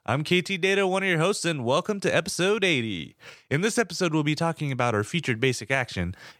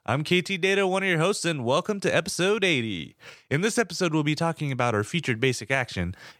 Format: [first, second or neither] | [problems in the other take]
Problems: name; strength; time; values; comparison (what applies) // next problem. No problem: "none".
neither | none